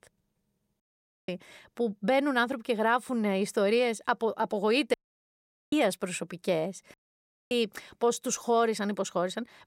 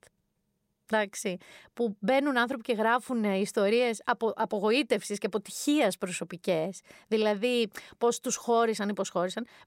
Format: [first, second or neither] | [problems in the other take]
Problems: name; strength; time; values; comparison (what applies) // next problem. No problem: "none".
second | audio cutting out; at 1 s, at 5 s for 1 s and at 7 s for 0.5 s